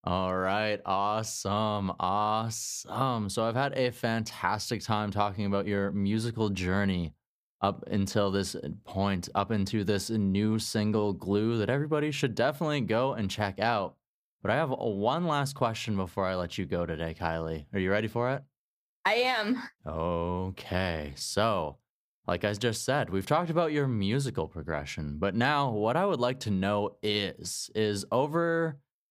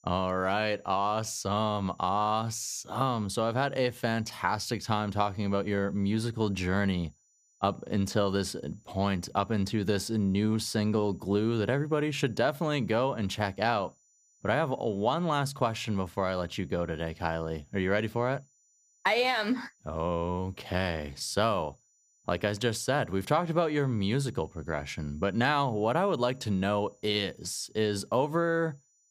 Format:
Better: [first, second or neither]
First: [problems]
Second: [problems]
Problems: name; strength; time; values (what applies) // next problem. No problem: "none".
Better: first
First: none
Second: high-pitched whine; faint; throughout; 7 kHz, 35 dB below the speech